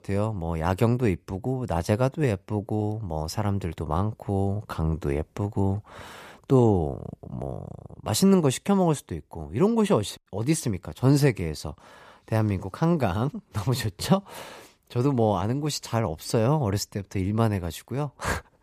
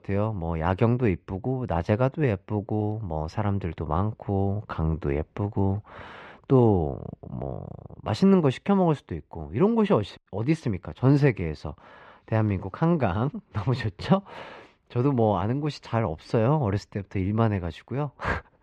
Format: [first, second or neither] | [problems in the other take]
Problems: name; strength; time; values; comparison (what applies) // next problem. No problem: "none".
first | muffled; slightly; fading above 2.5 kHz